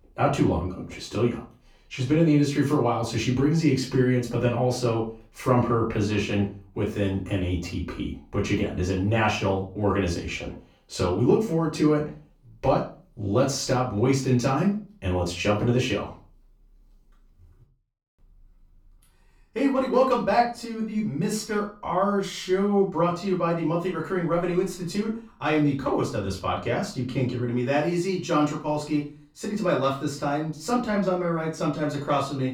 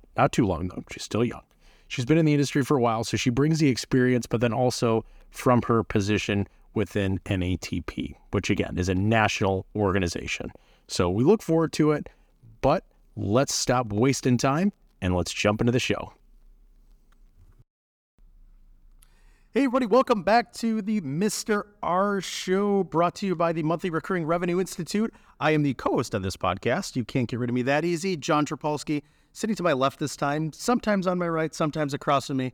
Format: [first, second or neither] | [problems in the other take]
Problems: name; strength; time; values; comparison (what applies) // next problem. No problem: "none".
second | off-mic speech; far // room echo; slight; dies away in 0.3 s